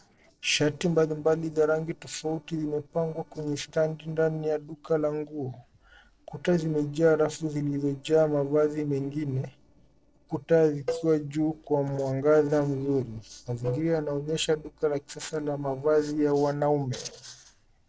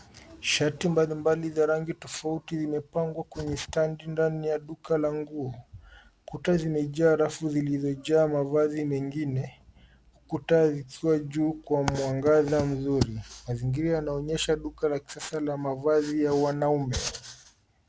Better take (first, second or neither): second